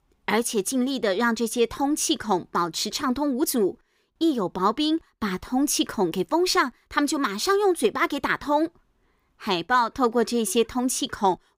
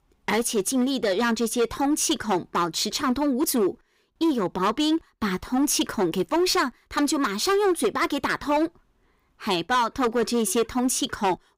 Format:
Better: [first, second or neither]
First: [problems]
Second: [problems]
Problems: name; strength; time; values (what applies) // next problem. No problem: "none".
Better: first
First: none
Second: distortion; slight; 9% of the sound clipped